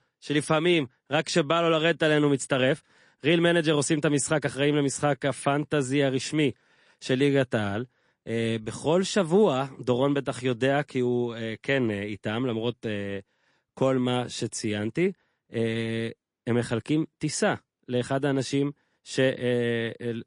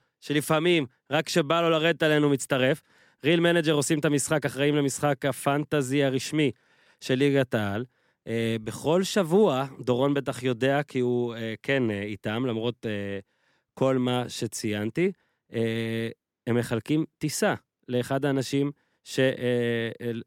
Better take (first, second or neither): second